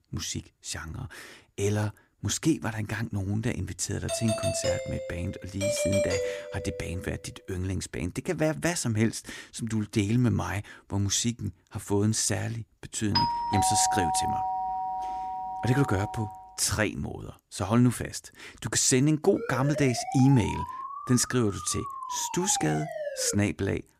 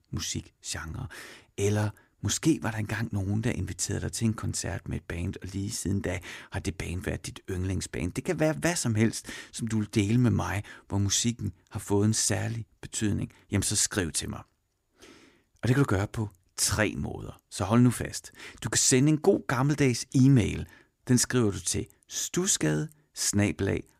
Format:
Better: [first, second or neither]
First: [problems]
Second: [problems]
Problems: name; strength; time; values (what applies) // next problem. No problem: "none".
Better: second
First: doorbell; loud; from 4 to 7 s and from 13 to 16 s; peak 2 dB above the speech // siren; noticeable; from 19 to 23 s; peak 6 dB below the speech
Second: none